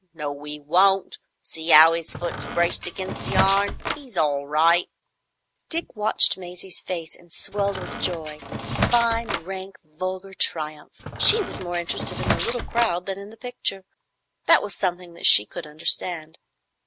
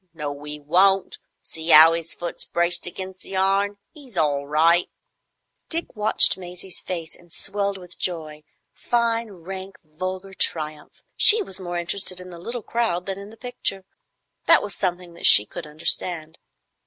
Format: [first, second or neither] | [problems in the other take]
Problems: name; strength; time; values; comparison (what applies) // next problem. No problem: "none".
second | background sound (Squeak); 3 dB below the speech